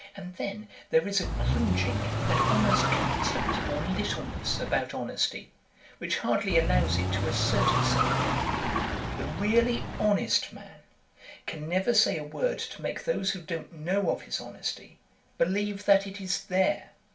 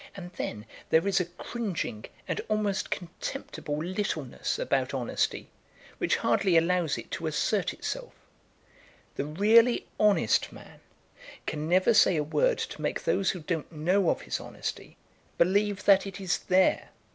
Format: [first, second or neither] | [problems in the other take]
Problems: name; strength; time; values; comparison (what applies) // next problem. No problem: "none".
second | background sound (Car); 2 dB above the speech // room echo; dies away in 0.3 s